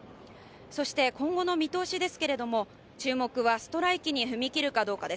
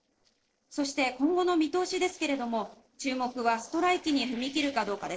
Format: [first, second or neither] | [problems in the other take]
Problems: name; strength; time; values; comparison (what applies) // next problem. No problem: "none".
first | noise reduction (neural separator model SepFormer DNS4)